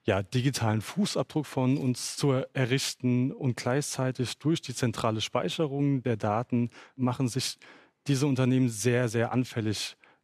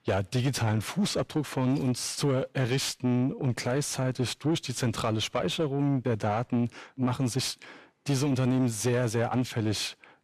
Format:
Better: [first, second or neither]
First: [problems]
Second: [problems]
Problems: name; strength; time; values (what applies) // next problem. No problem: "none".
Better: first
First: none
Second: distortion; slight; 10 dB below the speech